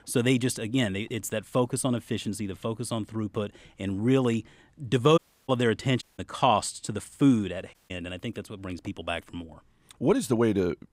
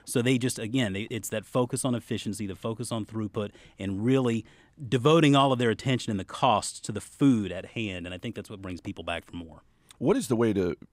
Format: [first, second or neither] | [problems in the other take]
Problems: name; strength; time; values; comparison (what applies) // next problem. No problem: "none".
second | audio cutting out; at 5 s, at 6 s and at 7.5 s